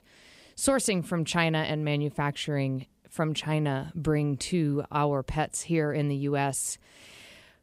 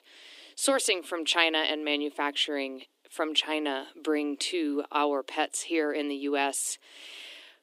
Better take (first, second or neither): first